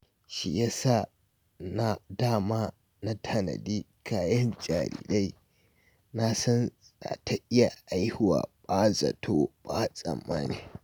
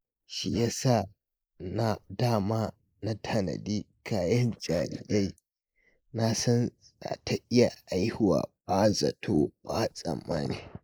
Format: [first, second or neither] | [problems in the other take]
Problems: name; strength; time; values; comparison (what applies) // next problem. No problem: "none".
first | noise reduction (neural mask model Resemble Enhance denoiser)